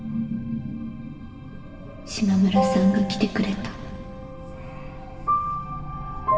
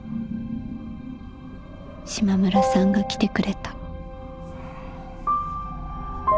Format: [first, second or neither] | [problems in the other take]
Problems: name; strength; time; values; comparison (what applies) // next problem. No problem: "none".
second | room echo; dies away in 2.3 s